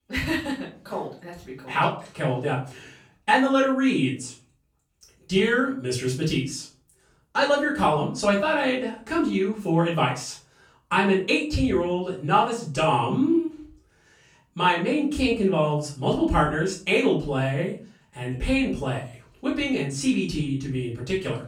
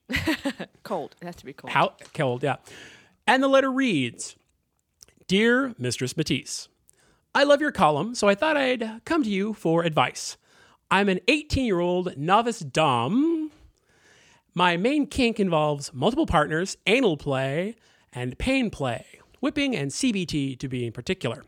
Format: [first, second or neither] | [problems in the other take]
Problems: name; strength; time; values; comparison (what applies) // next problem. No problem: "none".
second | room echo; slight; dies away in 0.3 s // off-mic speech; far